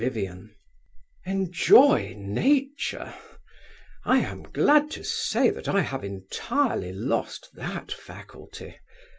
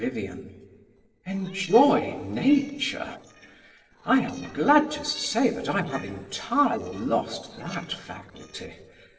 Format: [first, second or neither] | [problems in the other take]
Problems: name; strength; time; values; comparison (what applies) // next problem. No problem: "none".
first | noise reduction (neural separator model SepFormer DNS4)